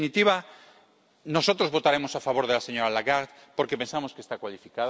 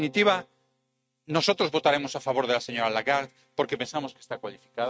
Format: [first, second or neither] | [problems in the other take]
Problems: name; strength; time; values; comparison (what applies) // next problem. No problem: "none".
first | noise reduction (neural mask model RNNoise)